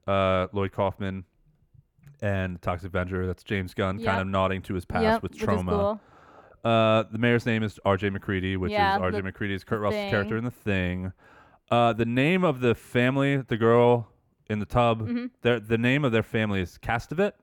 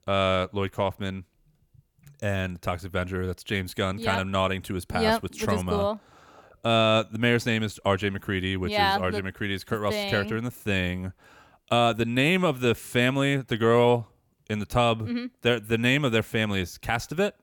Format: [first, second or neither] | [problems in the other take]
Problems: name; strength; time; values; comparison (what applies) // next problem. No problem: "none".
second | muffled; slightly; fading above 3 kHz